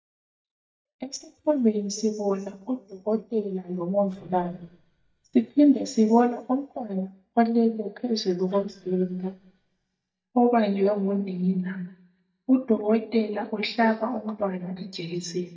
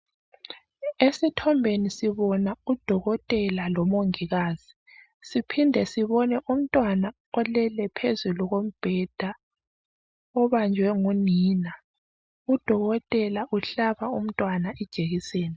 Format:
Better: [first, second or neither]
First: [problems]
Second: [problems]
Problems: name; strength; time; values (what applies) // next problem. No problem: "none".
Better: second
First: noise reduction (neural mask model DeepFilterNet 3)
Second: none